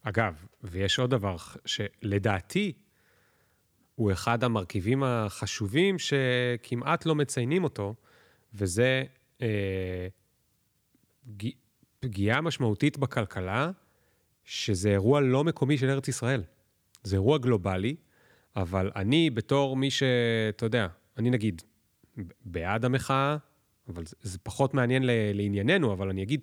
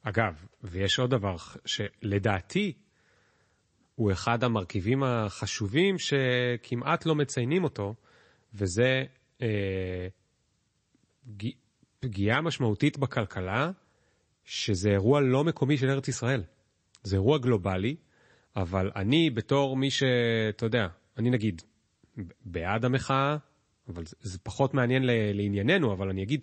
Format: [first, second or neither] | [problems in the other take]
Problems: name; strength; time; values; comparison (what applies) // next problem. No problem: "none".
first | garbled, watery; slightly; nothing above 8 kHz